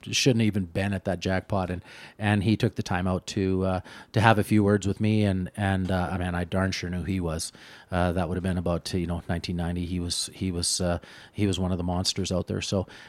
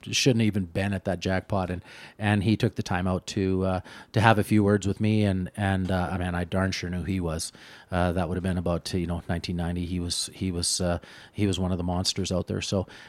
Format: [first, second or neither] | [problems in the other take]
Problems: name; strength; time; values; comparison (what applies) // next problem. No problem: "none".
neither | none